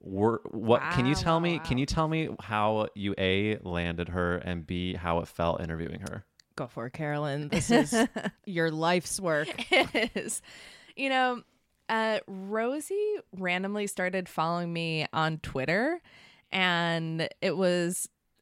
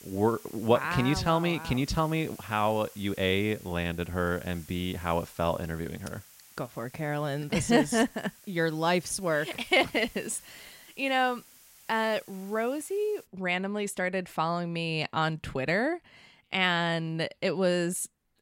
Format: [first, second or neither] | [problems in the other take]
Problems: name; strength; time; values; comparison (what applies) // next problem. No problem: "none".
first | hiss; faint; until 13 s; 20 dB below the speech